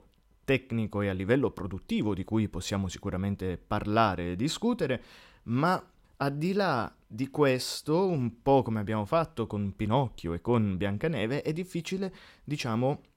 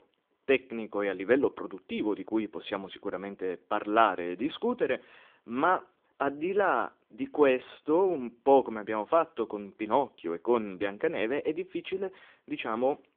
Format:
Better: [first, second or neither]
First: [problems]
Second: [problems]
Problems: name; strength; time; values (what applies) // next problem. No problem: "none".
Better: first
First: none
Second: phone-call audio; nothing above 3.5 kHz